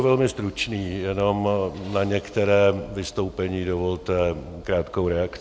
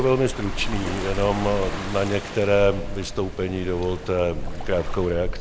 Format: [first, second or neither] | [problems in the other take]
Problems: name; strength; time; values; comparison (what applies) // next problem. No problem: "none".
first | background sound (Waves, surf); 5 dB below the speech